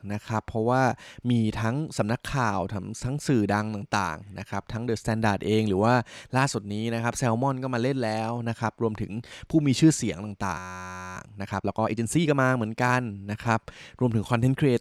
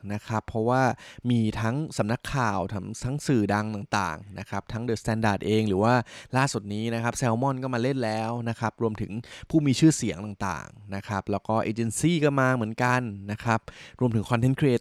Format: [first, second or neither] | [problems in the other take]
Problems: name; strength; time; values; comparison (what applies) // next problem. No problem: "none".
second | audio freezing; at 11 s for 0.5 s